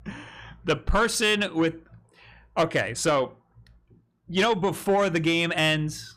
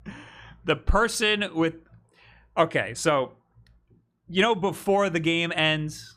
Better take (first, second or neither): second